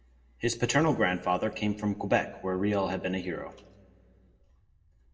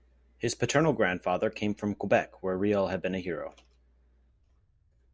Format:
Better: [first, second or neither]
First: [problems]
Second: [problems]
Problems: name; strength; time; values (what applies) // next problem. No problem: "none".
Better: second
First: room echo; dies away in 1.1 s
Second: none